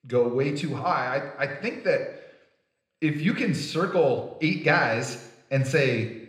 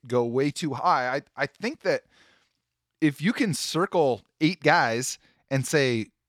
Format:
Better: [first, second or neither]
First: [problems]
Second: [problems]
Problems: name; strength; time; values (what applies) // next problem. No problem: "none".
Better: second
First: room echo; slight; dies away in 0.8 s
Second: none